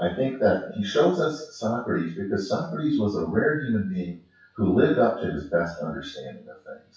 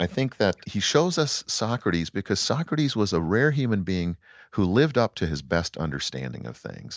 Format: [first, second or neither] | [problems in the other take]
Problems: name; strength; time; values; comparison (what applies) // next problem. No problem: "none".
second | noise reduction (classical method WPE with log-MMSE)